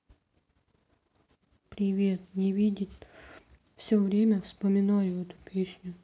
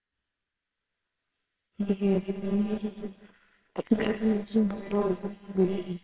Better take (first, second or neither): first